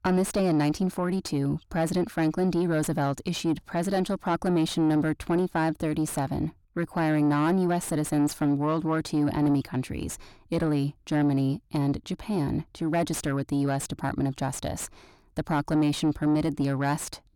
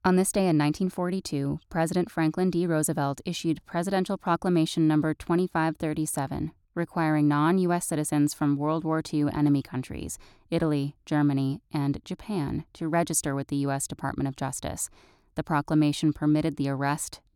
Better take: second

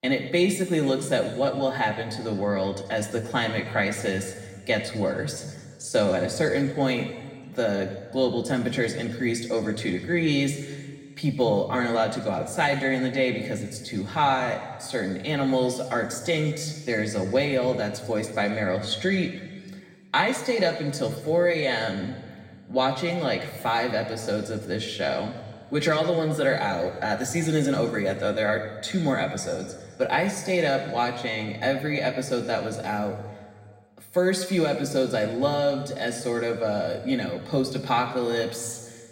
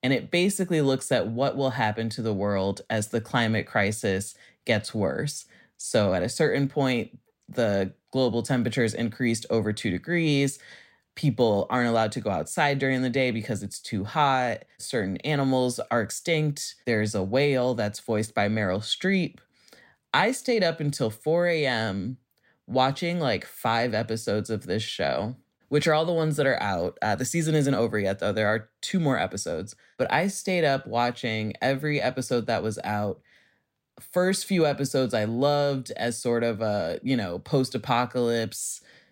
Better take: second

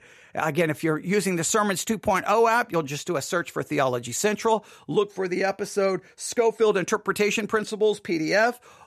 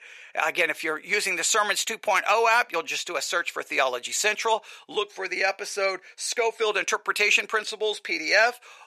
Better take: first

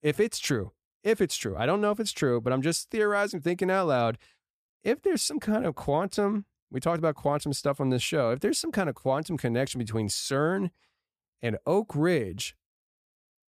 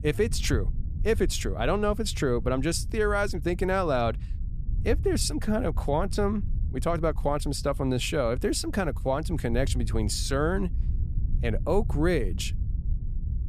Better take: first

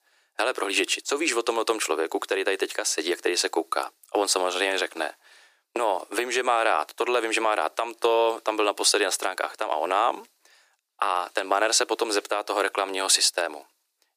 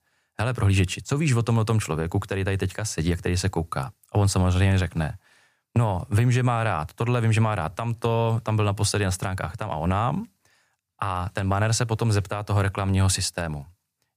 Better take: second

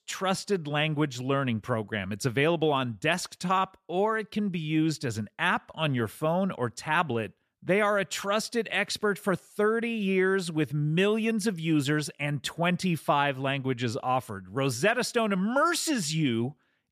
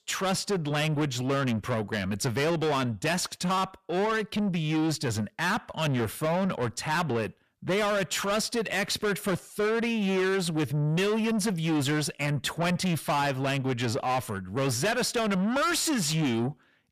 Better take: first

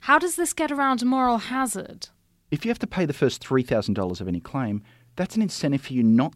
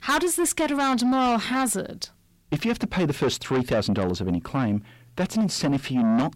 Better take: first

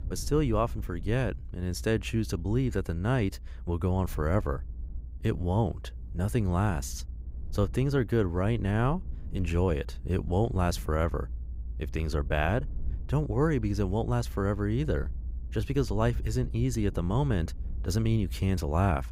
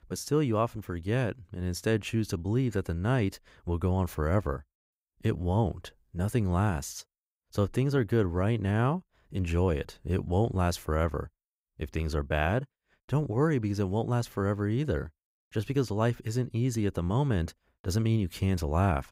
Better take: second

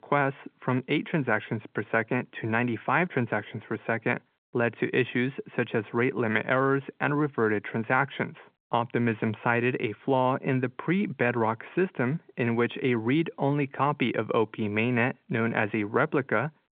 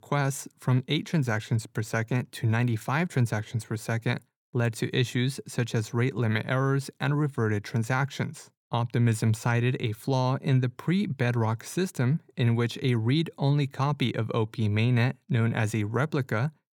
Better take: second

